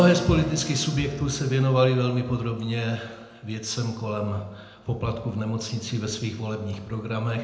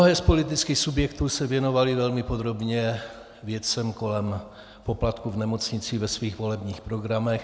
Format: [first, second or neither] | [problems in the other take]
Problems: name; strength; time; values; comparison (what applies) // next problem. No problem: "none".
second | background sound (Keyboard (musical)); 17 dB below the speech // room echo; dies away in 0.8 s